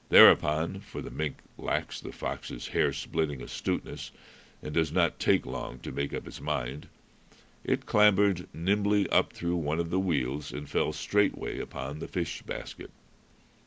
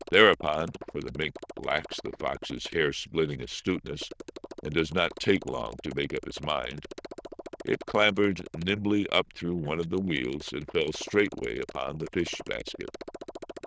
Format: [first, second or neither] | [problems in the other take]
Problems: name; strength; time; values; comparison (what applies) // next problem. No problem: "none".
first | noise reduction (neural diffusion model UNIVERSE++)